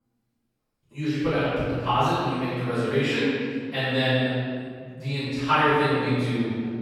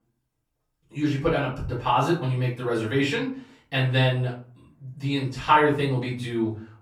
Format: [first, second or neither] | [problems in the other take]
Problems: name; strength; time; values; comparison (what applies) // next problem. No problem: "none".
second | room echo; strong; dies away in 1.9 s; slight in the second // off-mic speech; far; far in the second